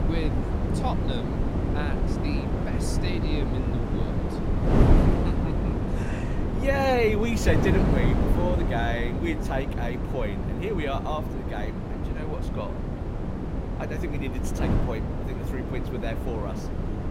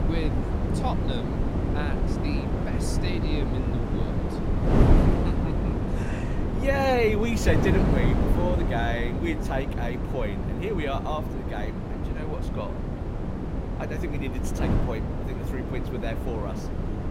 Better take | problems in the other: neither | wind noise on the microphone; heavy; 2 dB below the speech; the same in both

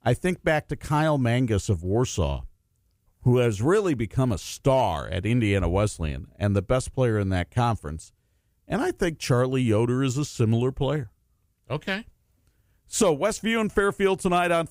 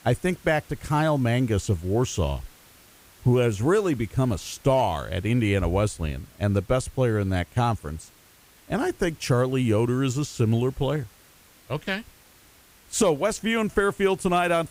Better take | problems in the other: first | hiss; faint; throughout; 25 dB below the speech

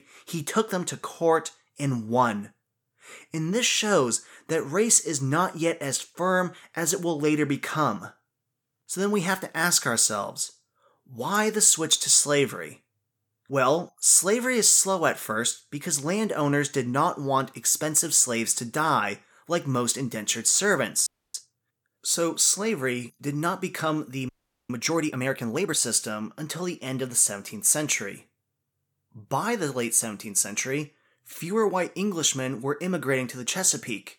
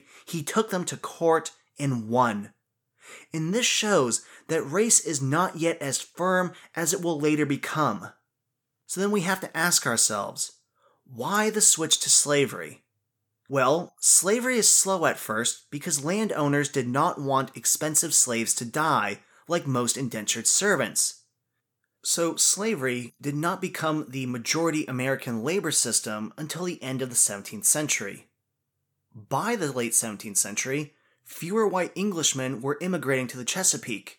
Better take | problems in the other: second | audio freezing; at 21 s and at 24 s

